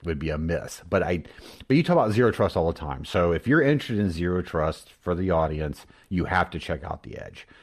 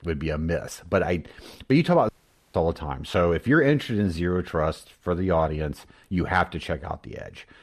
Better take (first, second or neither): first